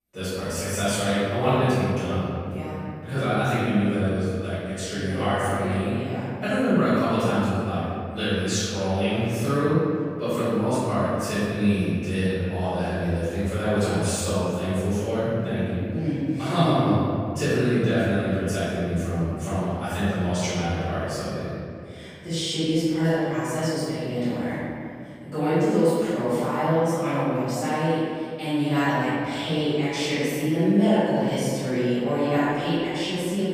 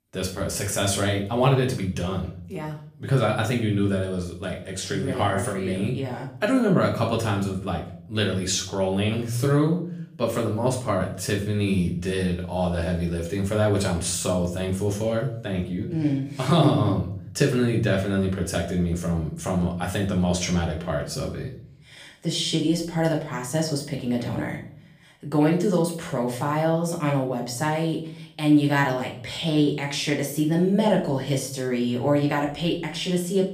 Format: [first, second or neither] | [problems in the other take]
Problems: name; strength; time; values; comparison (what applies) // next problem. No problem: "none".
second | room echo; strong; dies away in 2.5 s; slight in the second // off-mic speech; far; far in the second